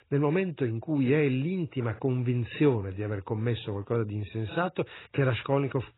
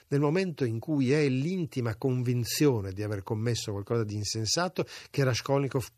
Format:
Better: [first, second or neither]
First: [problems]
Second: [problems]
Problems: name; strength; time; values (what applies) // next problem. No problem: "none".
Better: second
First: garbled, watery; badly; nothing above 4 kHz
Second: none